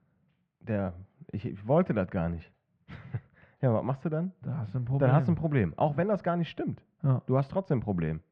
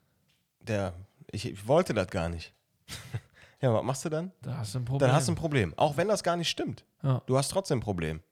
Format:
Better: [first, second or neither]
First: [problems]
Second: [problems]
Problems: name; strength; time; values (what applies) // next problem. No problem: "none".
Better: second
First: muffled; very; fading above 2 kHz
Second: none